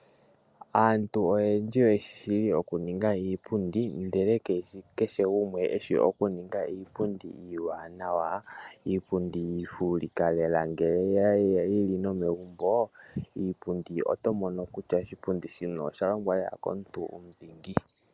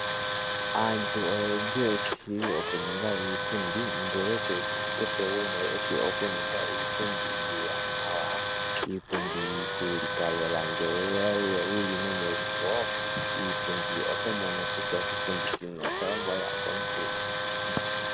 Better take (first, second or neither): first